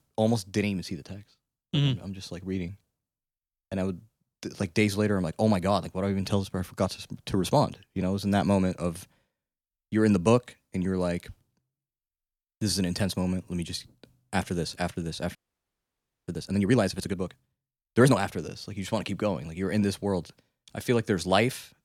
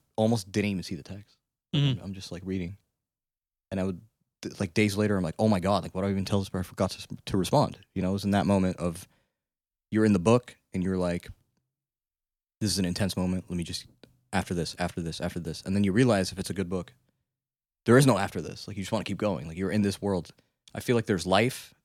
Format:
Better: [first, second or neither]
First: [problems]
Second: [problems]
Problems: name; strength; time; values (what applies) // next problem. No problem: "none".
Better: second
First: audio freezing; at 15 s for 1 s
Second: none